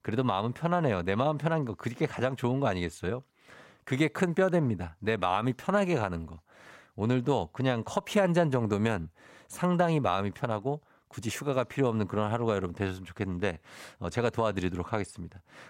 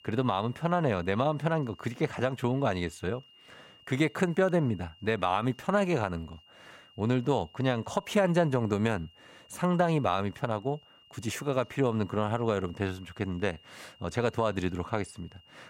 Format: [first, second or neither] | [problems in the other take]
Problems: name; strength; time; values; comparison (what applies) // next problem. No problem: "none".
first | high-pitched whine; faint; throughout; 3 kHz, 25 dB below the speech